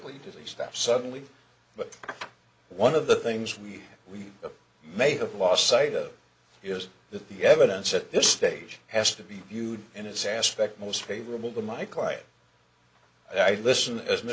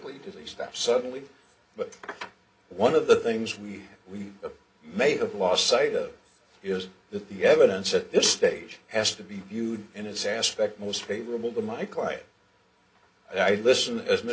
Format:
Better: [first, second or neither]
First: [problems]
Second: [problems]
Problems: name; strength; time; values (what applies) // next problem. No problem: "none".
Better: first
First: none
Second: room echo; dies away in 0.3 s